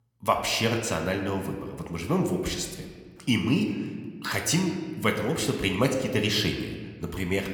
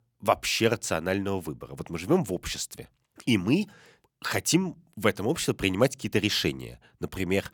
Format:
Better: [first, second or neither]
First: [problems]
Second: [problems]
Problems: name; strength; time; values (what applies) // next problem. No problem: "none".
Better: second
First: room echo; slight; dies away in 1.2 s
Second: none